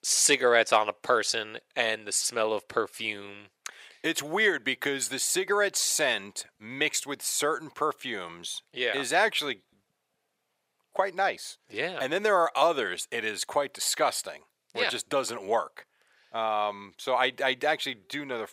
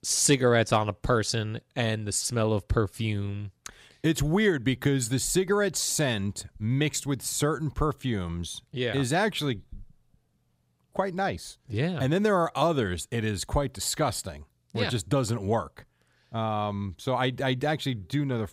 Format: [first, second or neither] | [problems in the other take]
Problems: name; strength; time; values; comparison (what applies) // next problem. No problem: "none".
second | thin; very; fading below 550 Hz